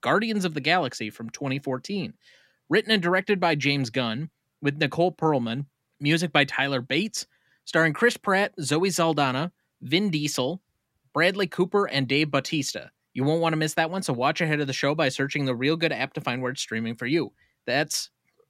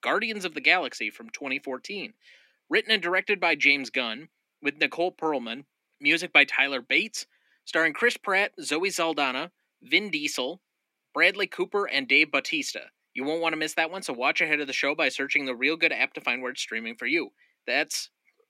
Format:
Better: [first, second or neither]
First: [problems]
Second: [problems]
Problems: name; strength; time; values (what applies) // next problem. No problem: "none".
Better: first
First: none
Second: thin; very slightly; fading below 250 Hz